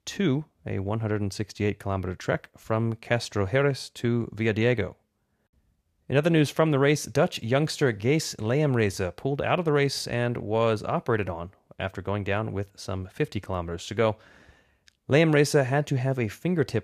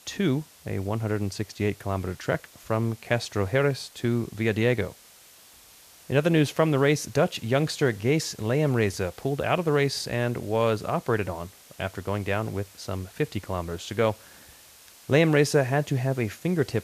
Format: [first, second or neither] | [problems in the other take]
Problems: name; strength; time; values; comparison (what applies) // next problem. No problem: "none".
first | hiss; faint; throughout; 25 dB below the speech